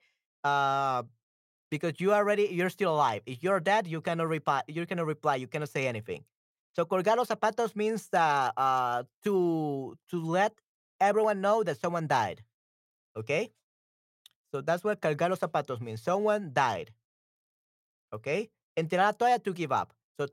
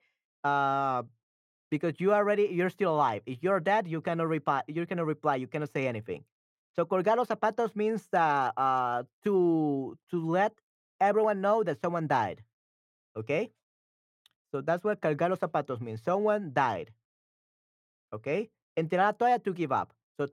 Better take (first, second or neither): first